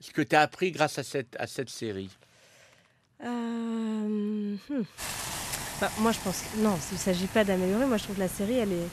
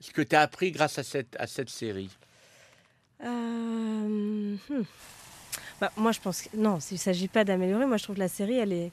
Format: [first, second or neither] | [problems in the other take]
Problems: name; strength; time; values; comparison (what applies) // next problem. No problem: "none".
second | hiss; loud; from 5 s on; 8 dB below the speech; faint in the second